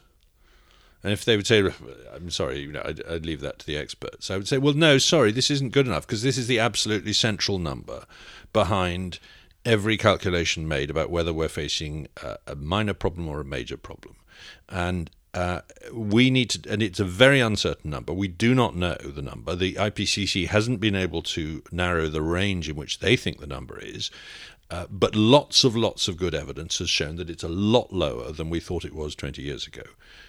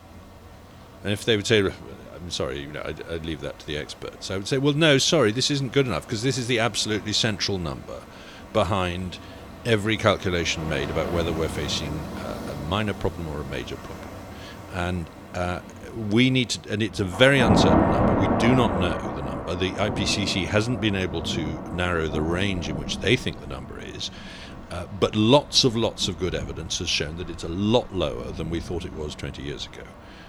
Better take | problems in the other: first | rain or running water; loud; throughout; 6 dB below the speech

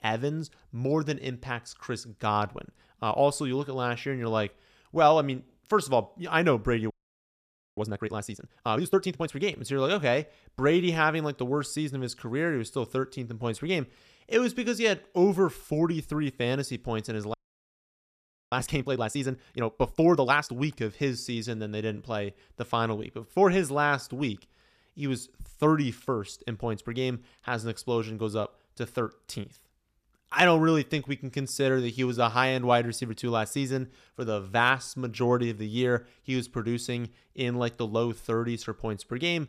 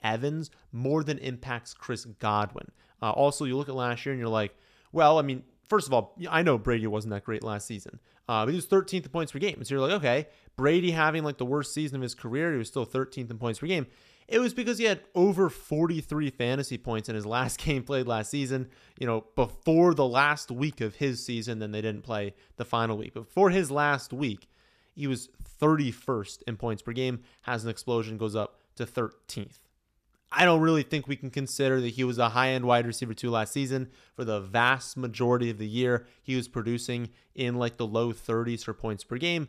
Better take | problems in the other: second | audio freezing; at 7 s for 1 s and at 17 s for 1 s

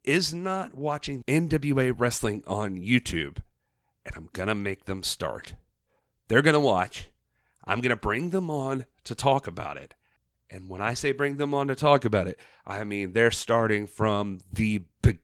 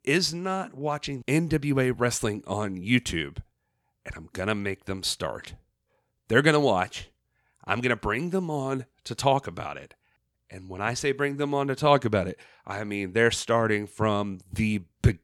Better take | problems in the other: second | garbled, watery; slightly

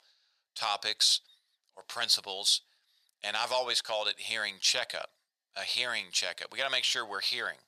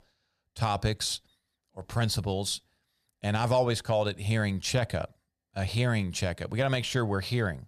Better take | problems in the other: second | thin; very; fading below 850 Hz

